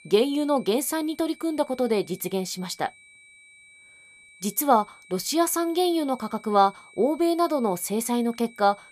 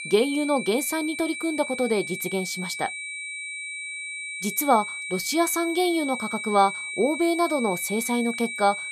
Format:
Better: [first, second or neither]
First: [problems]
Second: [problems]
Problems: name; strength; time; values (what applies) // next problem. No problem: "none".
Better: first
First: high-pitched whine; faint; throughout; 2.5 kHz, 25 dB below the speech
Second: high-pitched whine; loud; throughout; 2.5 kHz, 6 dB below the speech